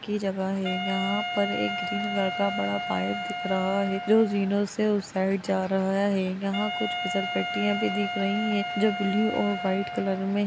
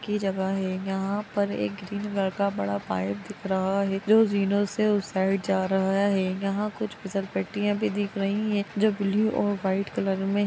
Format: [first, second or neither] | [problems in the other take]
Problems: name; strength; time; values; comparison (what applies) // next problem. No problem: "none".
second | background sound (Wind instrument, woodwind instrument); 6 dB below the speech